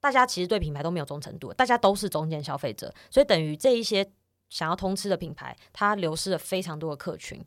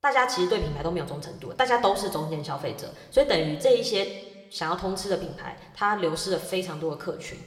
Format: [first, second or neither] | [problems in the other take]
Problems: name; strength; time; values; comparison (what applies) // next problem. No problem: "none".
first | room echo; slight; dies away in 1.1 s